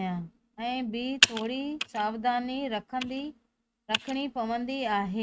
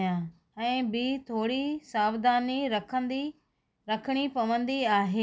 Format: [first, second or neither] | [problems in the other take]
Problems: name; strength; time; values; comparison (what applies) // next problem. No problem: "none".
second | noise reduction (neural mask model RNNoise)